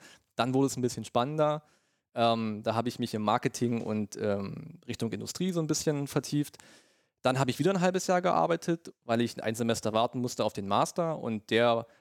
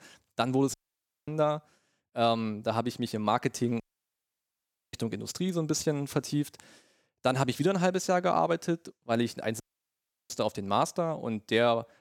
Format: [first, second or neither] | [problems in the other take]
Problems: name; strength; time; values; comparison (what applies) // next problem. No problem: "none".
first | audio cutting out; at 0.5 s for 0.5 s, at 4 s for 1 s and at 9.5 s for 0.5 s